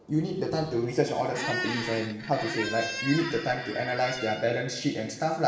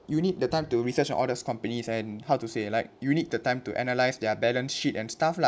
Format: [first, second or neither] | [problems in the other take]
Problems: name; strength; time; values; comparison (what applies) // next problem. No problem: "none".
second | background sound (Squeak); 7 dB below the speech // room echo; dies away in 0.9 s